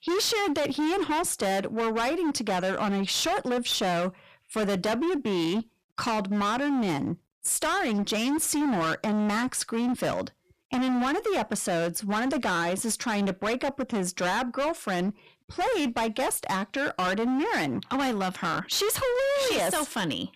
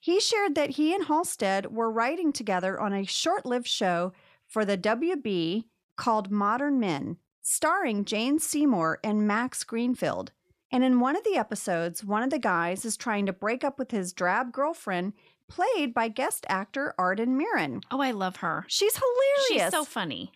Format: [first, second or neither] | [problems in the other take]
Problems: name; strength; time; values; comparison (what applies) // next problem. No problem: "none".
second | distortion; heavy; 31% of the sound clipped